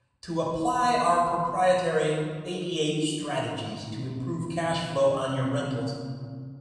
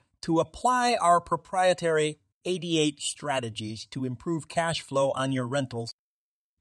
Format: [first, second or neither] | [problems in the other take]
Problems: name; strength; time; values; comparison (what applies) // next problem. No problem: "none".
second | off-mic speech; far // room echo; strong; dies away in 2.5 s